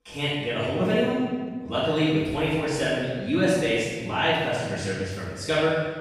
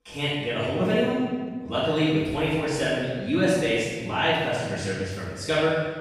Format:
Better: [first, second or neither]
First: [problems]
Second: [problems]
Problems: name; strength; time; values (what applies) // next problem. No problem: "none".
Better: neither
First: room echo; strong; dies away in 1.6 s // off-mic speech; far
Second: room echo; strong; dies away in 1.6 s // off-mic speech; far